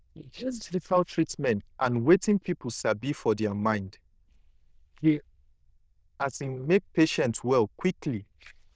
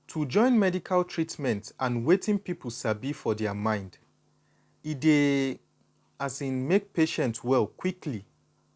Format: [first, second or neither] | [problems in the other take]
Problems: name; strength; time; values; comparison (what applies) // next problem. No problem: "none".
second | noise reduction (neural diffusion model UNIVERSE++)